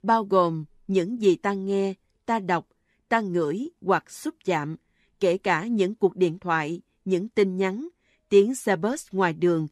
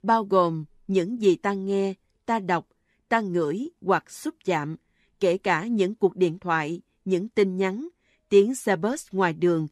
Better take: neither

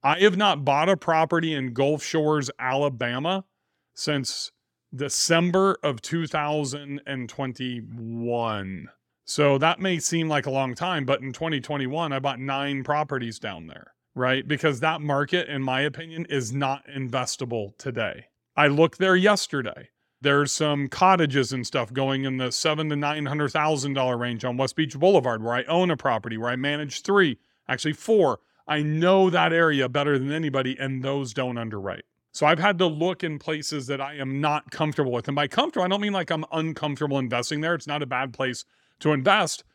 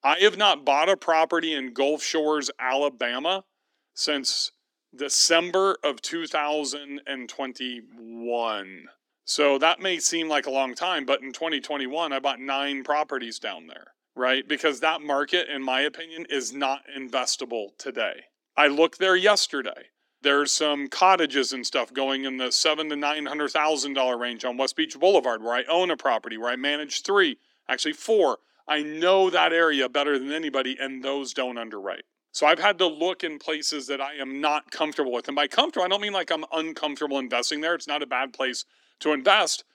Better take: first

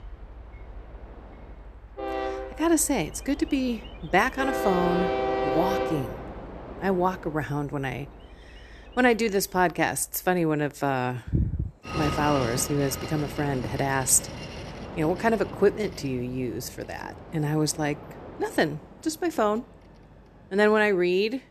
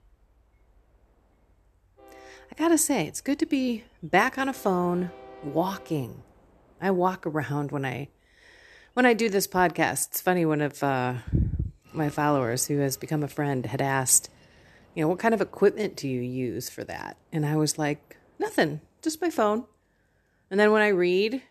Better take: second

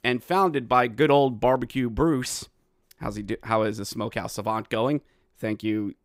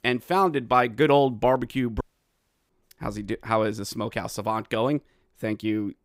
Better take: first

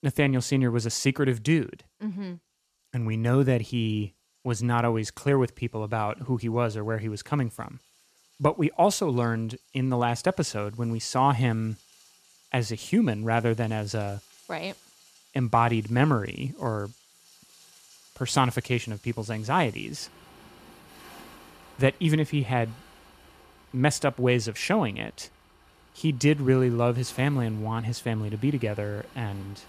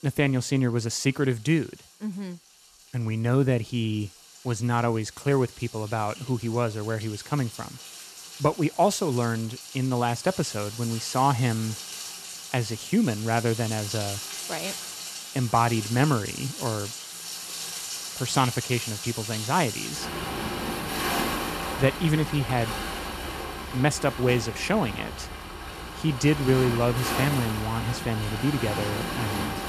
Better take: first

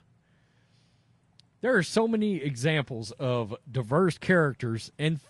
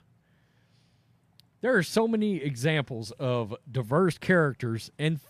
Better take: second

